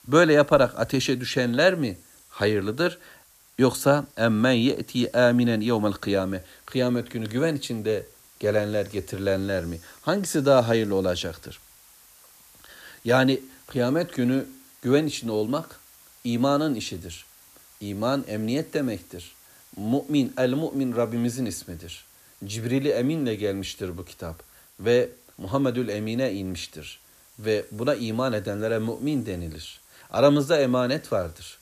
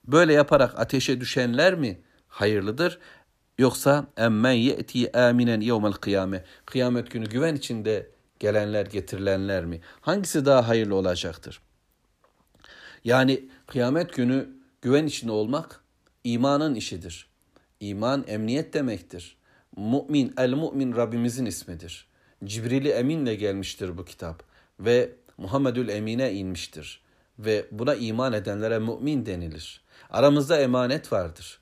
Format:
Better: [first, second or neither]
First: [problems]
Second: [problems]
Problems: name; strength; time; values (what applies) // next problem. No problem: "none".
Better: second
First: hiss; faint; throughout; 25 dB below the speech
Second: none